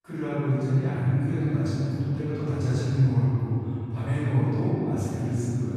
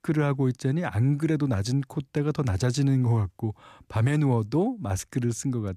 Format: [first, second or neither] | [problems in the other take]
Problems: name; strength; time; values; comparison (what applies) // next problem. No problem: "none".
second | off-mic speech; far // room echo; strong; dies away in 3 s